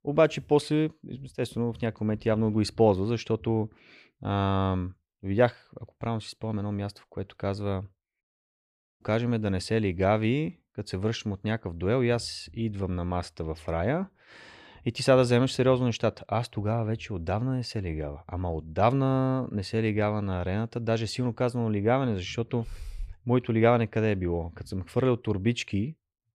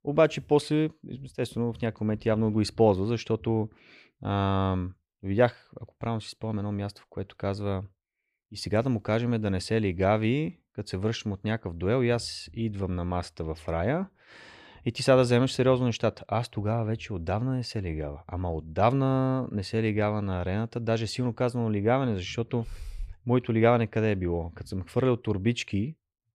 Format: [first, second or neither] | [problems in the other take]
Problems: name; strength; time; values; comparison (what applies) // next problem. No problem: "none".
second | audio cutting out; at 8 s for 1 s